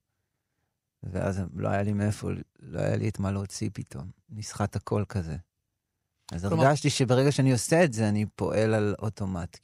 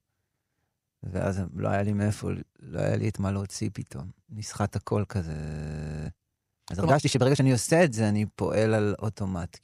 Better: first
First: none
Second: audio freezing; at 5.5 s for 0.5 s

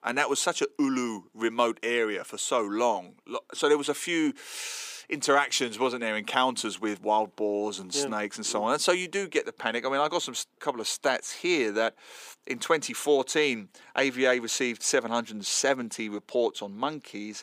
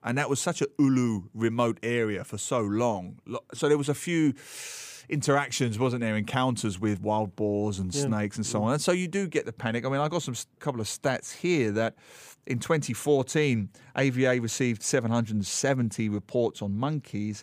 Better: second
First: thin; somewhat; fading below 300 Hz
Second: none

